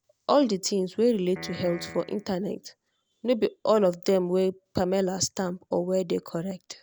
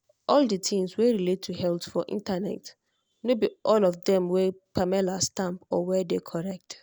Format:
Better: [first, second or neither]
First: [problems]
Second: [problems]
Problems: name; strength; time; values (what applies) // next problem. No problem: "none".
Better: second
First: background sound (Piano); 15 dB below the speech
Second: none